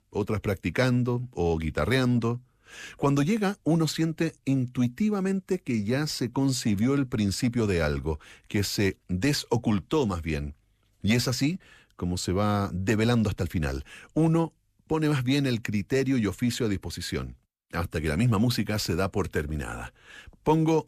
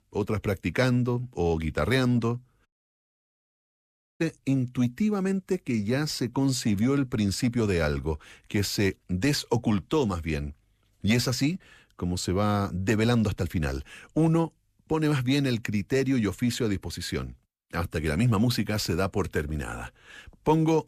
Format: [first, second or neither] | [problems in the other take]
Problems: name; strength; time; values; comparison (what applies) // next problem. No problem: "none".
first | audio cutting out; at 2.5 s for 1.5 s